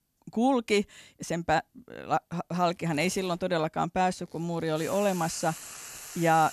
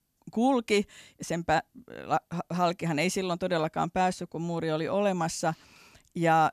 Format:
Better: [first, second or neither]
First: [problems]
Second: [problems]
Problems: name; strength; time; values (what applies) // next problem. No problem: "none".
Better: second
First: household noises; noticeable; from 2.5 s on; 15 dB below the speech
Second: none